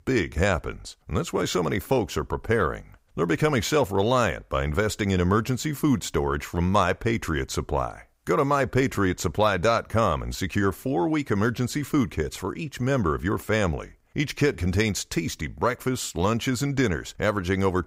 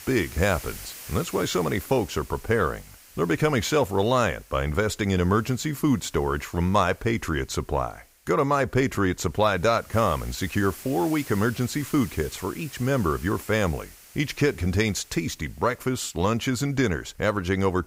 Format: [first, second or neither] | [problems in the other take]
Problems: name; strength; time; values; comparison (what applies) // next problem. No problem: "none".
first | hiss; noticeable; throughout; 20 dB below the speech